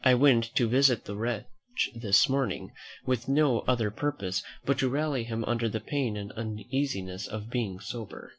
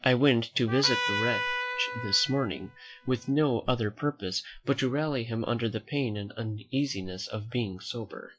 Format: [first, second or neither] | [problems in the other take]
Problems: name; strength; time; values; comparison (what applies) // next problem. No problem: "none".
first | noise reduction (classical method log-MMSE)